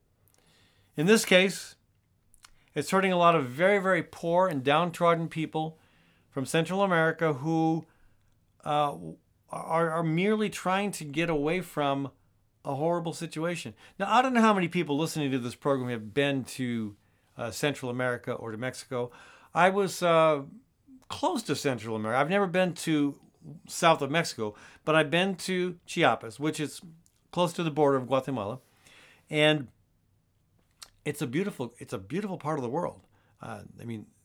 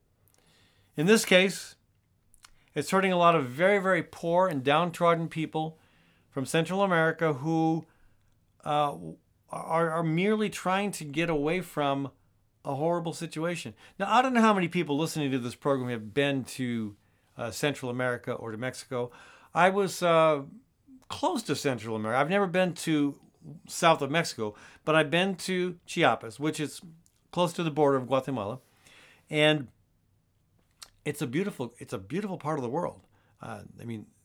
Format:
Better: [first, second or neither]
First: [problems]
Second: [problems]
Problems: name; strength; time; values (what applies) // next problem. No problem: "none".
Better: neither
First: none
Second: none